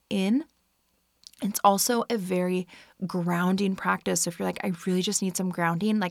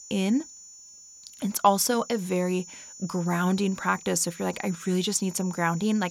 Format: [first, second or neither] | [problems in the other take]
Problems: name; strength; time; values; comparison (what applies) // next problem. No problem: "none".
first | high-pitched whine; noticeable; throughout; 7 kHz, 15 dB below the speech